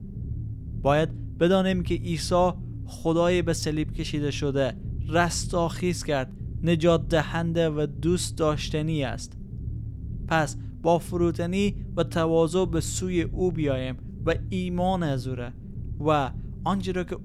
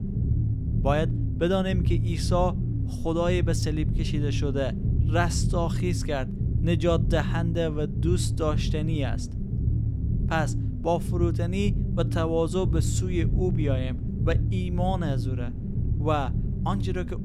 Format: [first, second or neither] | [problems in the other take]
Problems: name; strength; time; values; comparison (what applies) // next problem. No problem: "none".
first | low rumble; loud; throughout; 10 dB below the speech; faint in the first